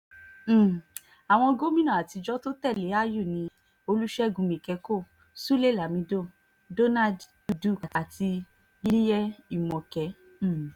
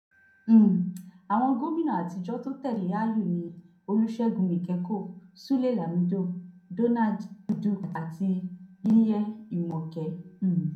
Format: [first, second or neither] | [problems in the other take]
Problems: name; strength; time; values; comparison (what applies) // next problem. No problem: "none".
first | room echo; dies away in 0.6 s